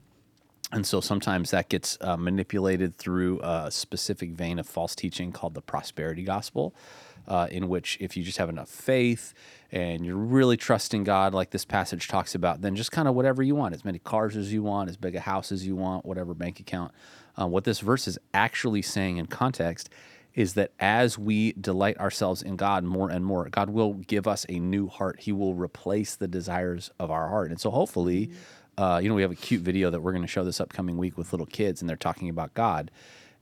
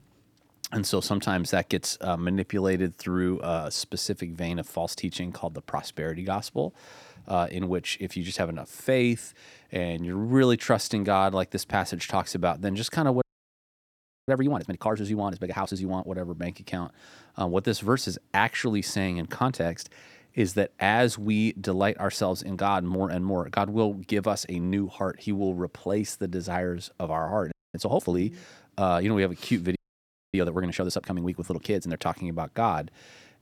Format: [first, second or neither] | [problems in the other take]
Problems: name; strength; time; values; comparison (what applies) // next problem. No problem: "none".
first | audio freezing; at 13 s for 1 s, at 28 s and at 30 s for 0.5 s